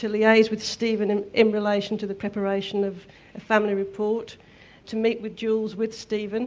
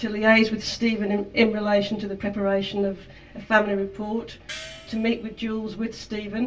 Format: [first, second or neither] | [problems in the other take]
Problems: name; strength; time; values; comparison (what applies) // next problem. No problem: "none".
first | background sound (Gong); 18 dB below the speech // room echo; dies away in 0.1 s